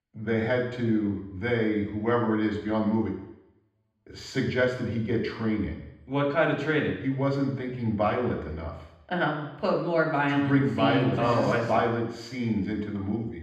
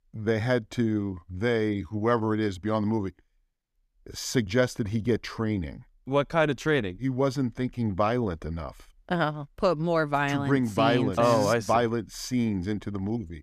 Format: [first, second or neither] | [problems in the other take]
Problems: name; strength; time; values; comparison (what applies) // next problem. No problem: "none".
second | room echo; noticeable; dies away in 0.9 s // off-mic speech; far